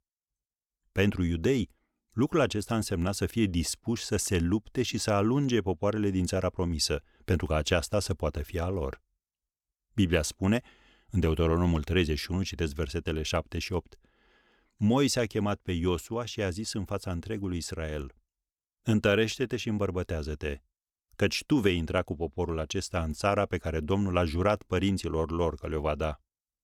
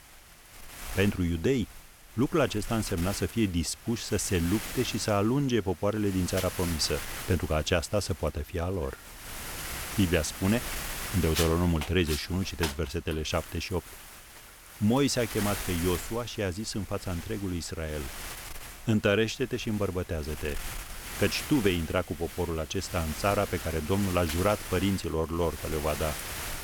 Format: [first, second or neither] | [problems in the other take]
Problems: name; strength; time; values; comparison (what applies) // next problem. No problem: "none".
first | wind noise on the microphone; heavy; 8 dB below the speech